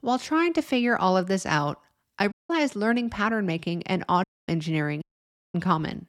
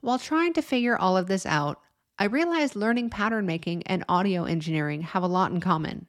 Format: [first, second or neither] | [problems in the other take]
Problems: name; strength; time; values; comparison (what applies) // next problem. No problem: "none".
second | audio cutting out; at 2.5 s, at 4 s and at 5 s for 0.5 s